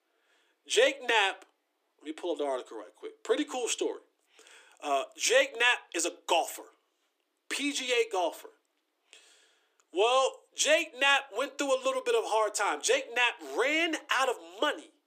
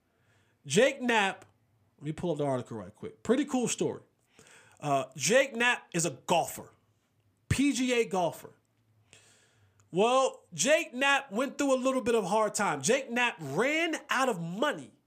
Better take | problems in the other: second | thin; somewhat; fading below 300 Hz

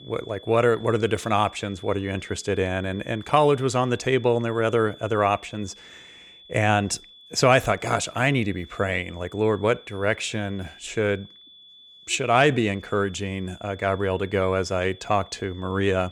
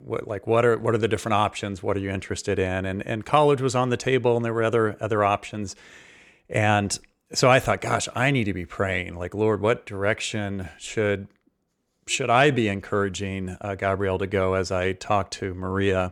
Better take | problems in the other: second | high-pitched whine; faint; throughout; 3.5 kHz, 20 dB below the speech

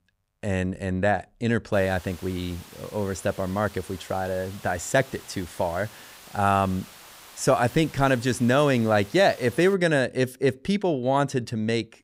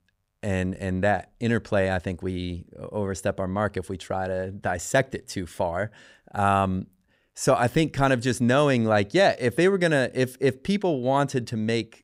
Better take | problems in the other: second | hiss; faint; from 1.5 to 9.5 s; 20 dB below the speech

